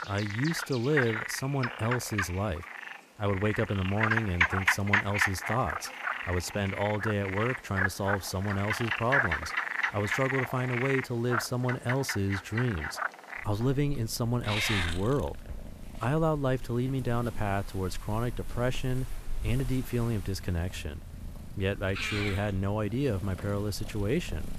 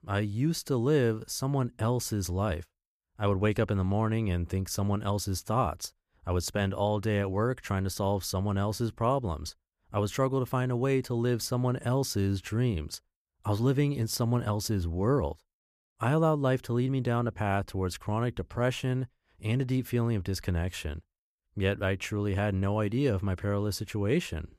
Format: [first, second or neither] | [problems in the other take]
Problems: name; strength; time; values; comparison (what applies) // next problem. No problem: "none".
second | animal sounds; loud; throughout; 2 dB below the speech